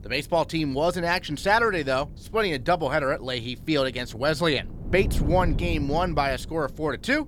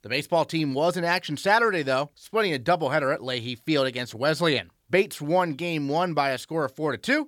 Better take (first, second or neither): second